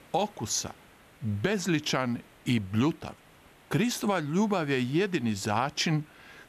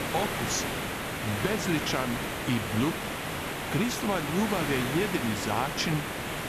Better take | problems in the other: first | hiss; loud; throughout; 1 dB below the speech; faint in the first

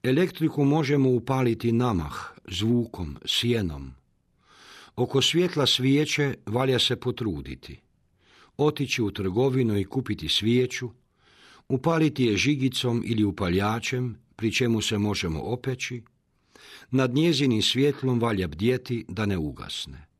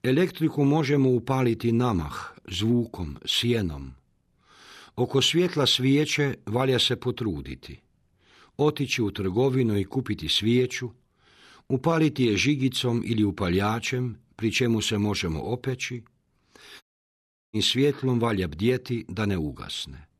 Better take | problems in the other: first | audio cutting out; at 17 s for 0.5 s

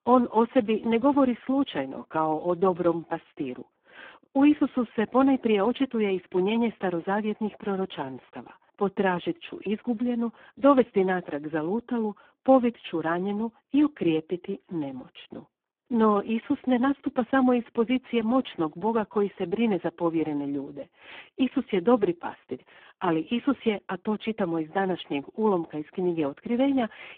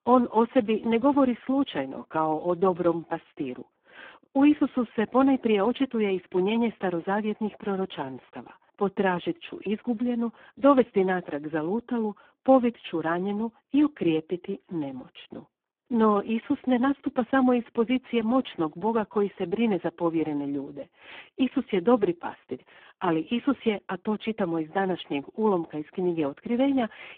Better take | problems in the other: neither | phone-call audio; poor line; the same in both

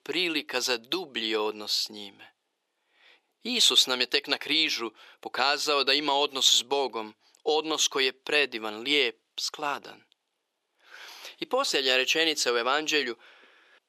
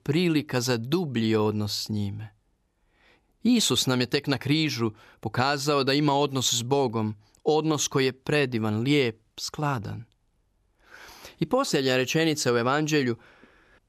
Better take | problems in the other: second | thin; somewhat; fading below 400 Hz

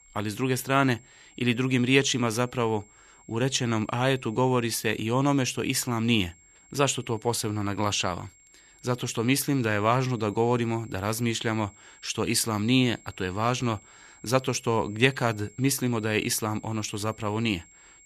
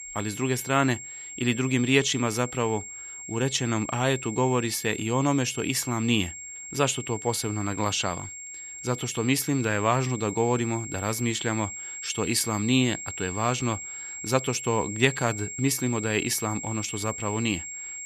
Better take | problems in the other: first | high-pitched whine; loud; throughout; 7.5 kHz, 9 dB below the speech; faint in the first

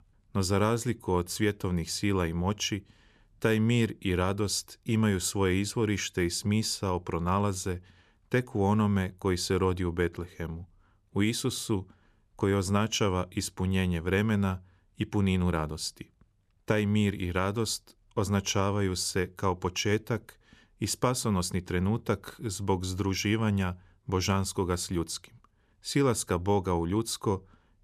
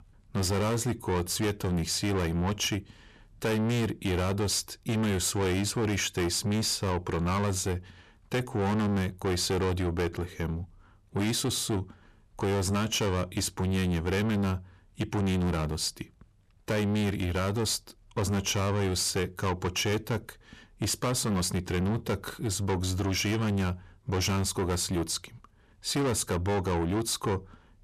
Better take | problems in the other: first | distortion; heavy; 7 dB below the speech

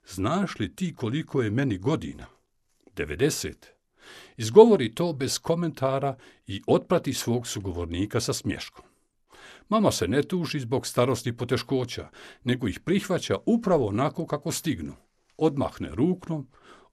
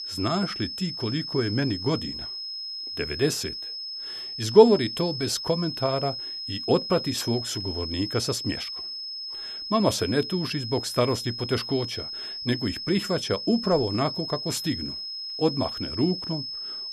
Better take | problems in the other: first | high-pitched whine; loud; throughout; 5 kHz, 6 dB below the speech

